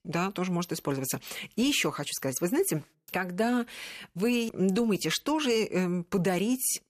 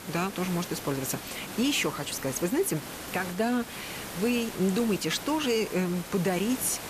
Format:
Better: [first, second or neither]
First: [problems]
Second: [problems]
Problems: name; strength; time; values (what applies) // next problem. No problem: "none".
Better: first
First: none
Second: hiss; loud; throughout; 10 dB below the speech